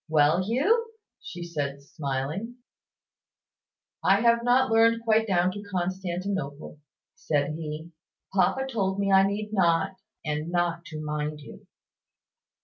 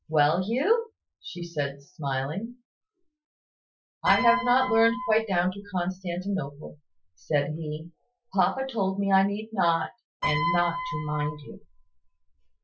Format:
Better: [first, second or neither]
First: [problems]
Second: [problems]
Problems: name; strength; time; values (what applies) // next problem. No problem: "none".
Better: first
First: none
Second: noise reduction (classical method Wiener filter)